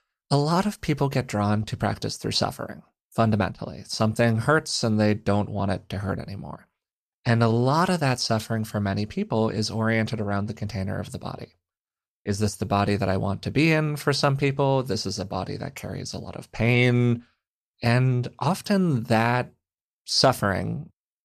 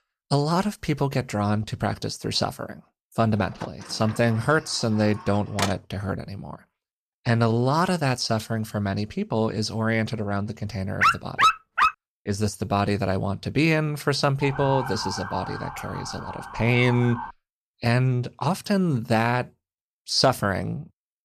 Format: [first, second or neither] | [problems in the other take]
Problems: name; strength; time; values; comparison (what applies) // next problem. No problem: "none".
first | door banging; noticeable; from 3.5 to 5.5 s; peak 4 dB below the speech // dog barking; loud; at 11 s; peak 5 dB above the speech // siren; noticeable; from 14 to 17 s; peak 6 dB below the speech